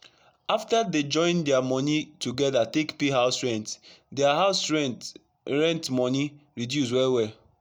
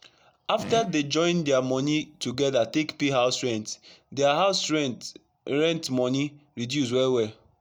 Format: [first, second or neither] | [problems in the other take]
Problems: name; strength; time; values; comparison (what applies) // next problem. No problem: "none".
first | background sound (Fart); 16 dB below the speech